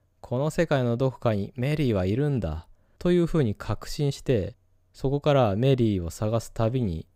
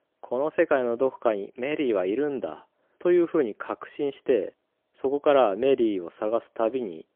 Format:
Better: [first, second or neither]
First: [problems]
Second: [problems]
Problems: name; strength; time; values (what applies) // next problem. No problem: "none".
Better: first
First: none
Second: phone-call audio; poor line; nothing above 3.5 kHz